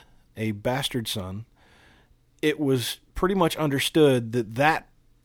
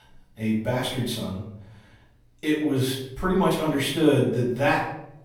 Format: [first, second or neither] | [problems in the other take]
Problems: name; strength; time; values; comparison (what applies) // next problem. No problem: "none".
first | off-mic speech; far // room echo; noticeable; dies away in 0.6 s